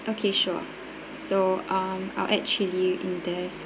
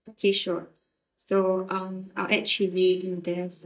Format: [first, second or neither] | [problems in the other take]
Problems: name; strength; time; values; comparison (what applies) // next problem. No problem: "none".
first | noise reduction (neural mask model DeepFilterNet 3)